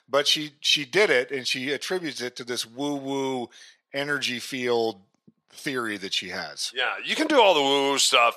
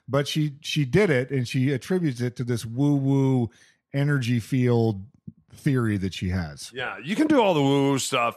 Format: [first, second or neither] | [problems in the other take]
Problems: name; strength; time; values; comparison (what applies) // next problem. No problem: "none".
second | thin; very; fading below 550 Hz